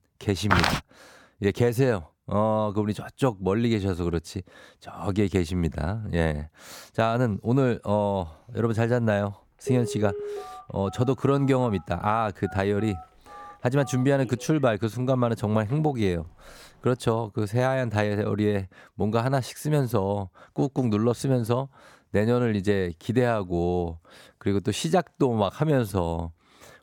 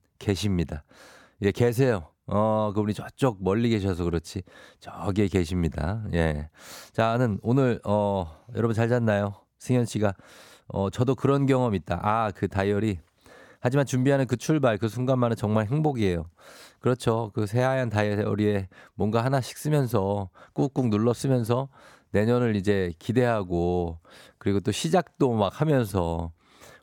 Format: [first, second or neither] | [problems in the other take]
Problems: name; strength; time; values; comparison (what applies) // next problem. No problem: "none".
second | footsteps; loud; at 0.5 s; peak 3 dB above the speech // phone ringing; noticeable; from 9.5 to 16 s; peak 7 dB below the speech